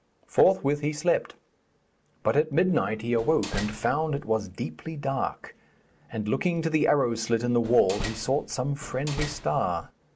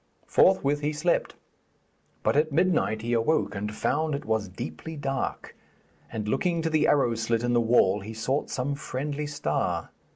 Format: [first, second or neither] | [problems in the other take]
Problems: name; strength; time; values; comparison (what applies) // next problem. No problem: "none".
second | background sound (Slam); 10 dB below the speech